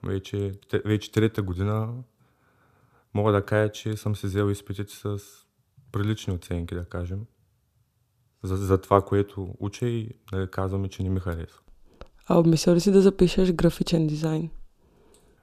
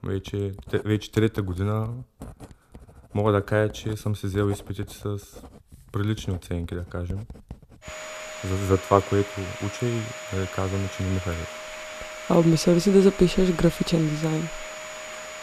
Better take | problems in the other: first | household noises; noticeable; throughout; 15 dB below the speech

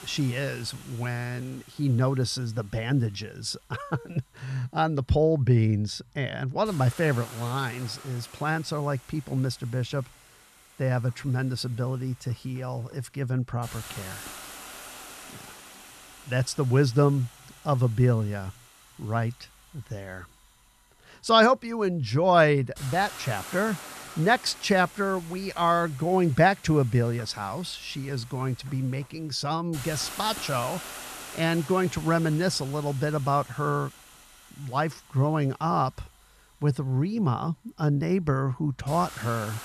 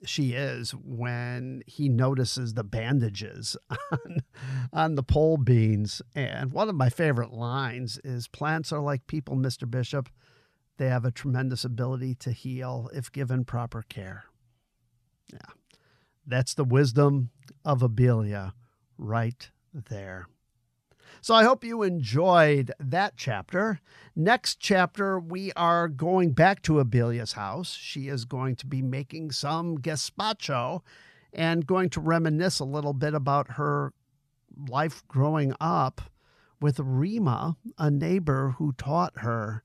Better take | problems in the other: second | hiss; noticeable; throughout; 15 dB below the speech

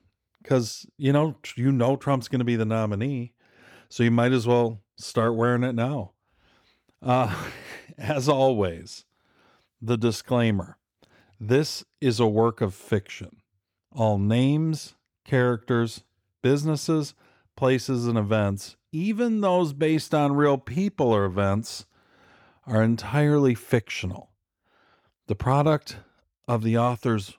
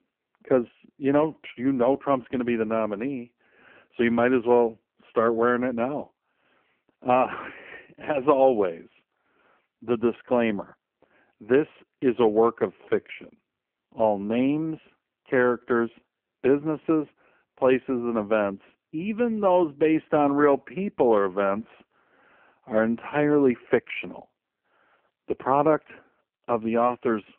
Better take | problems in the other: first | phone-call audio; poor line

